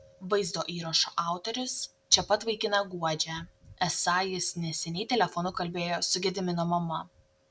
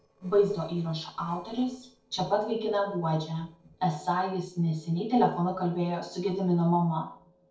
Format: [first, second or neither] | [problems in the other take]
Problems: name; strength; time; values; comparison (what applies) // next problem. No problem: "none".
first | noise reduction (neural separator model SepFormer DNS4)